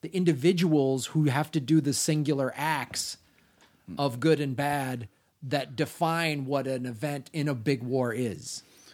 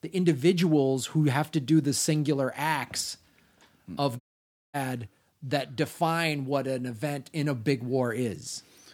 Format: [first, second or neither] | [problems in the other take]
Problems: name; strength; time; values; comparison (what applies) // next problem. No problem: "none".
first | audio cutting out; at 4 s for 0.5 s